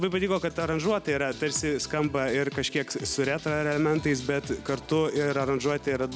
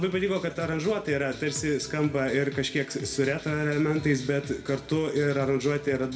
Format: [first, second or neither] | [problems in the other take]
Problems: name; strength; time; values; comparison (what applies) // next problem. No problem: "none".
first | room echo; dies away in 0.6 s